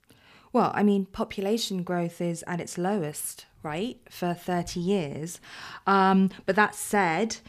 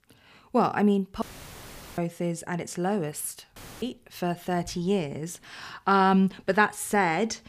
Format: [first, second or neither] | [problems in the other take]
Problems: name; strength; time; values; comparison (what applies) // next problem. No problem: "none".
first | audio cutting out; filled with static; at 1 s for 1 s and at 3.5 s